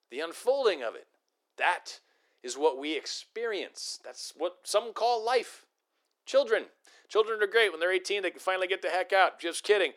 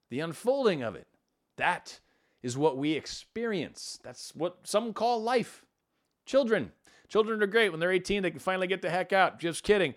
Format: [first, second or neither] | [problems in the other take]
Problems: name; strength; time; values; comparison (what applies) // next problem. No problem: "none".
second | thin; very; fading below 350 Hz